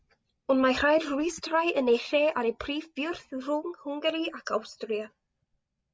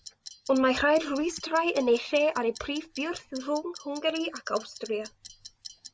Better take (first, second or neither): first